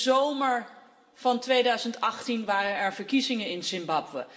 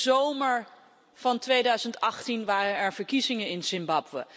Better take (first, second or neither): second